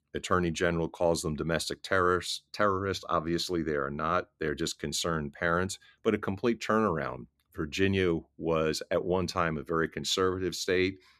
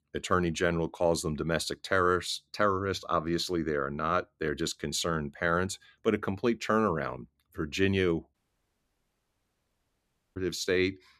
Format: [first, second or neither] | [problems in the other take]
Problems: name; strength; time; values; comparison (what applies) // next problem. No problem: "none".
first | audio cutting out; at 8.5 s for 2 s